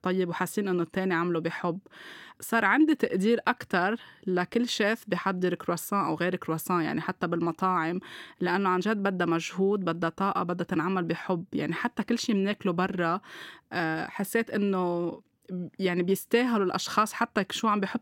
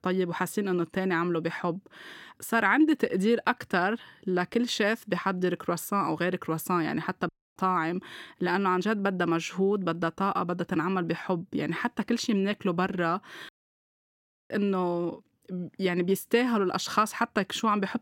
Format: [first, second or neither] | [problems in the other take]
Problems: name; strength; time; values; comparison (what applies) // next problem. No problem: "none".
first | audio cutting out; at 7.5 s and at 13 s for 1 s